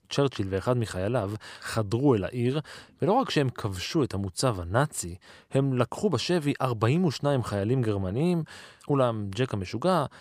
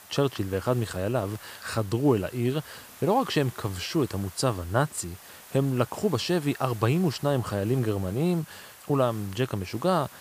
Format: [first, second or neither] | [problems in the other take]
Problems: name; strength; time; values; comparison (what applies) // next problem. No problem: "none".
first | hiss; noticeable; throughout; 20 dB below the speech